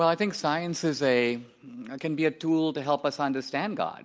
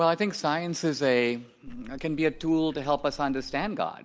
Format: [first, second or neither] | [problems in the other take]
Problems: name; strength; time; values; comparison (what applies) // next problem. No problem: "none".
first | background sound (Tick-tock); 17 dB below the speech